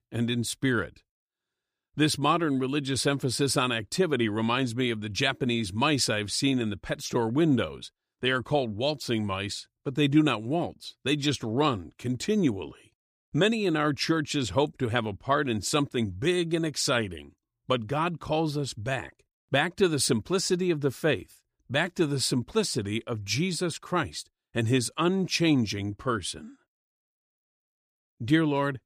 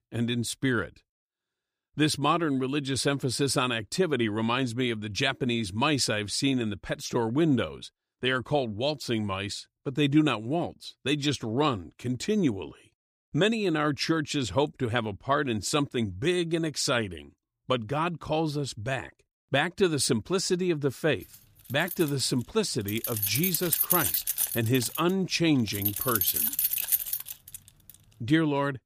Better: first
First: none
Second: jangling keys; loud; from 22 to 28 s; peak 4 dB above the speech

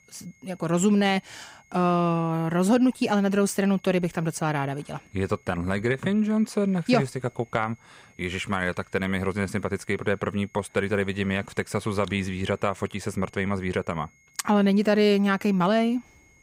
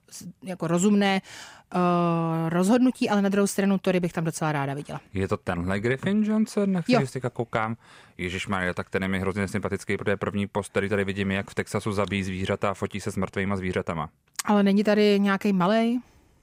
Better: second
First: high-pitched whine; faint; throughout; 2 kHz, 35 dB below the speech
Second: none

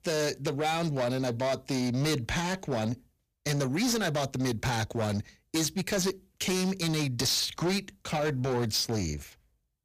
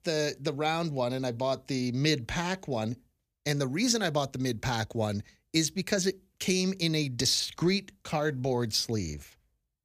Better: second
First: distortion; heavy; 16% of the sound clipped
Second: none

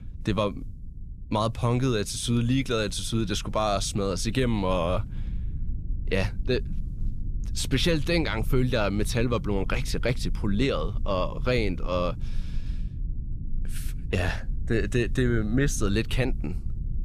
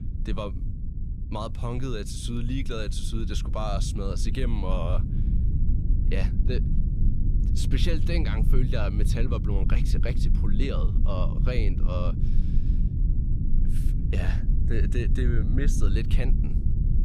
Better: first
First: low rumble; faint; throughout; 20 dB below the speech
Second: low rumble; loud; throughout; 7 dB below the speech

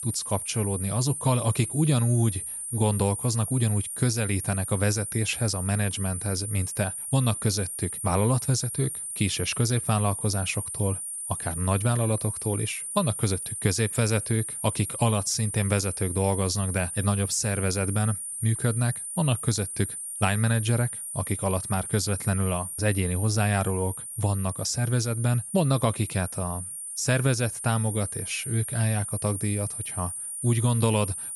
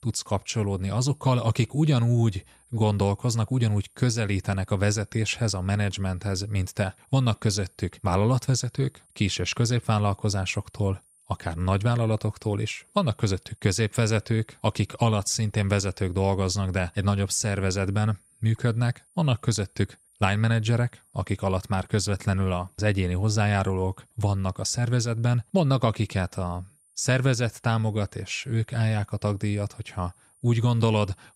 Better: second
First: high-pitched whine; loud; throughout; 9 kHz, 5 dB below the speech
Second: high-pitched whine; faint; throughout; 9 kHz, 30 dB below the speech

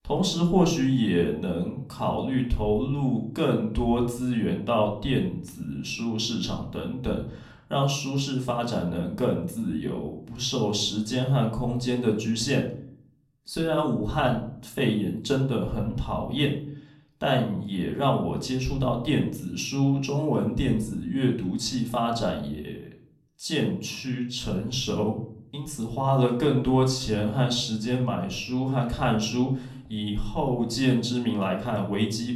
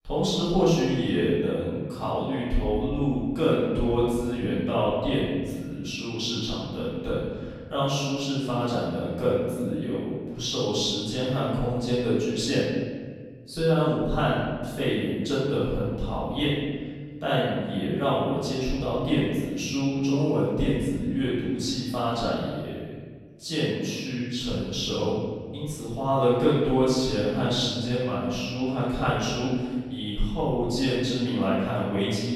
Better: first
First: room echo; slight; dies away in 0.5 s // off-mic speech; somewhat distant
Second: room echo; strong; dies away in 1.6 s // off-mic speech; far

